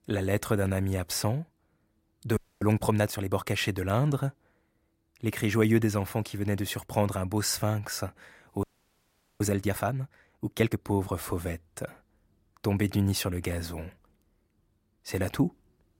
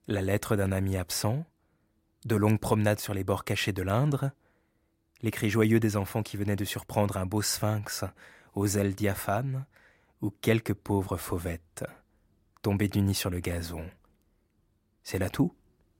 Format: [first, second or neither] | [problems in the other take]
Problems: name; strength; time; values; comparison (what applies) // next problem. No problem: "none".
second | audio freezing; at 2.5 s and at 8.5 s for 1 s